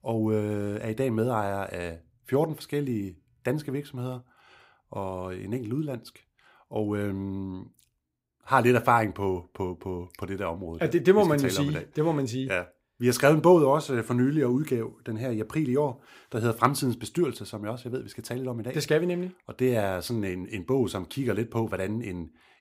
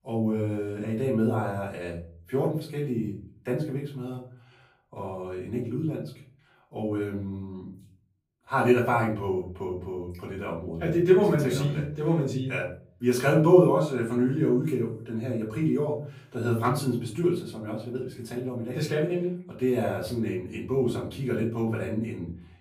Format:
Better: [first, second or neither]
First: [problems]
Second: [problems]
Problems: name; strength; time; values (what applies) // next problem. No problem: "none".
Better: first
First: none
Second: off-mic speech; far // room echo; slight; dies away in 0.5 s